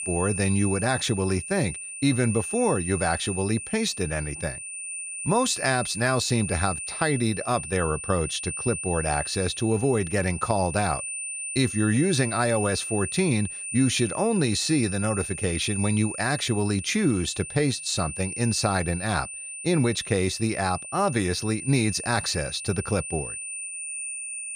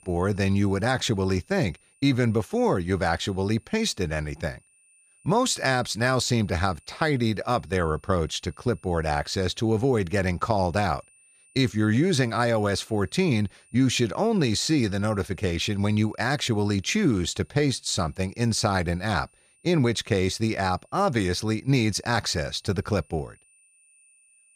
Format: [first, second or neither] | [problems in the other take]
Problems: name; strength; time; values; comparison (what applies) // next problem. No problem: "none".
second | high-pitched whine; loud; throughout; 9 kHz, 7 dB below the speech; faint in the second